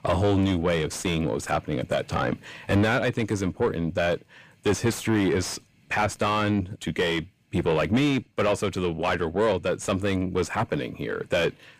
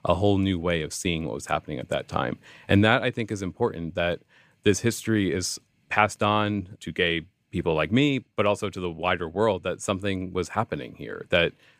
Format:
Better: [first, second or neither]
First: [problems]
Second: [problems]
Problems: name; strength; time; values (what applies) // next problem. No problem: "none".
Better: second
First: distortion; heavy; 6 dB below the speech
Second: none